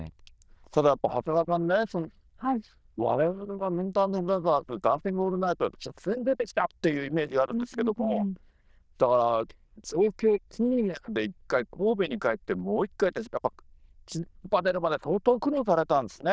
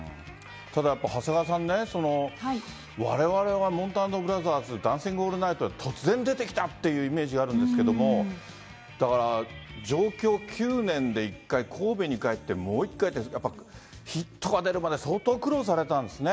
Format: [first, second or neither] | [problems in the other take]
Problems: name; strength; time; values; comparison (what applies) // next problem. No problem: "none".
second | noise reduction (neural diffusion model UNIVERSE++)